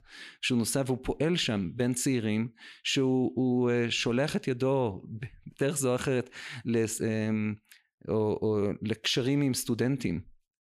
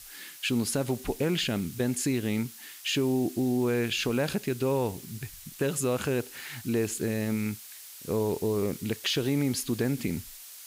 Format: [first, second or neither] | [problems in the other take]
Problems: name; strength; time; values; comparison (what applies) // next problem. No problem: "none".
first | hiss; noticeable; throughout; 15 dB below the speech